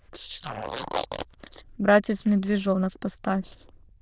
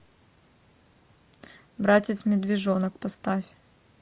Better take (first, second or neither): second